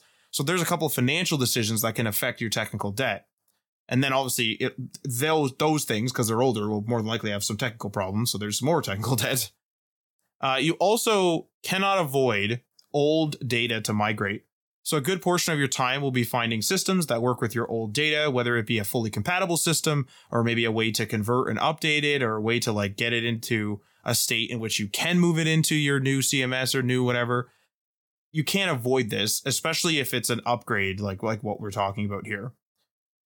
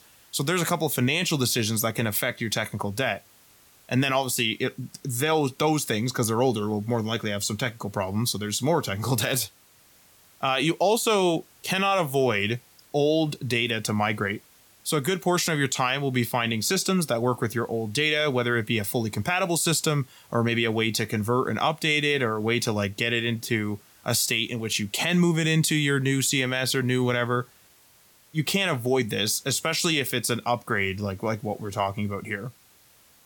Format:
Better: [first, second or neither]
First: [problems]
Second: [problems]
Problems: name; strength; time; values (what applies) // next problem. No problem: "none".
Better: first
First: none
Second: hiss; faint; throughout; 30 dB below the speech